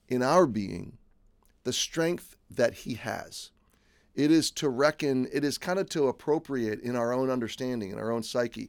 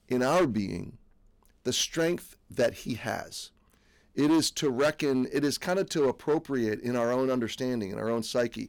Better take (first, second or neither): first